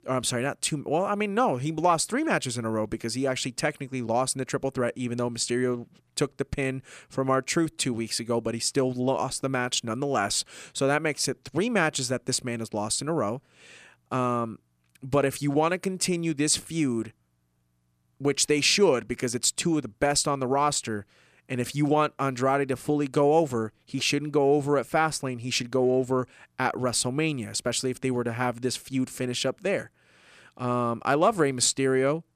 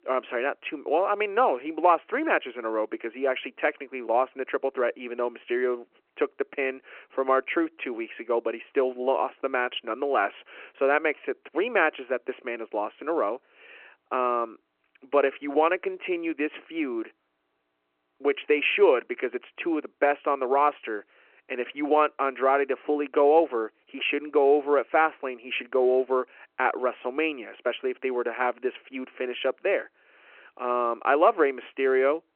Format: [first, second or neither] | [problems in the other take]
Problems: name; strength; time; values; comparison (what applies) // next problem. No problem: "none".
first | phone-call audio